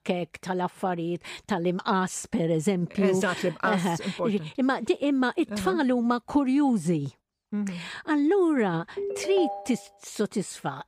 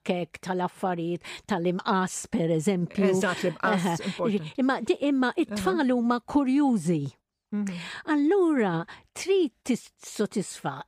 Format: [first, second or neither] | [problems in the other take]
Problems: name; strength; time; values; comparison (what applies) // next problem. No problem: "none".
second | phone ringing; noticeable; at 9 s; peak 6 dB below the speech